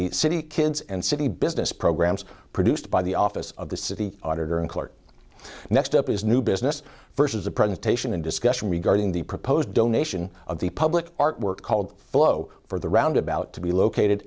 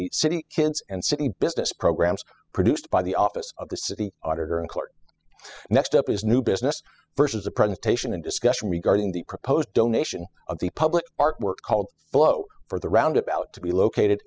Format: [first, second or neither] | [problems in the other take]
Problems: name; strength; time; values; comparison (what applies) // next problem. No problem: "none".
first | noise reduction (classical method spectral subtraction)